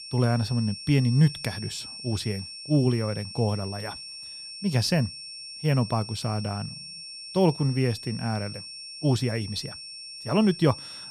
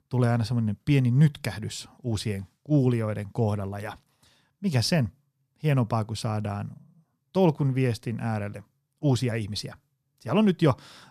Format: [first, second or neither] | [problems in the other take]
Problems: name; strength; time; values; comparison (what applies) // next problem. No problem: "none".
second | high-pitched whine; noticeable; throughout; 5.5 kHz, 10 dB below the speech